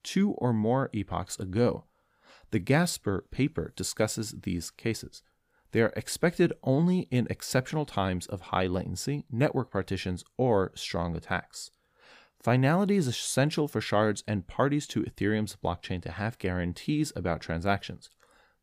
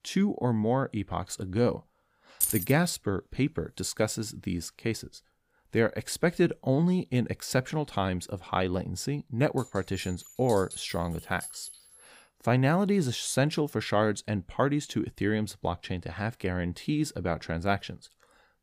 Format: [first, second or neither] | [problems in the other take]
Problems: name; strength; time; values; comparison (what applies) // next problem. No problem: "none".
first | jangling keys; loud; at 2.5 s; peak 2 dB above the speech // clattering dishes; faint; from 9.5 to 12 s; peak 10 dB below the speech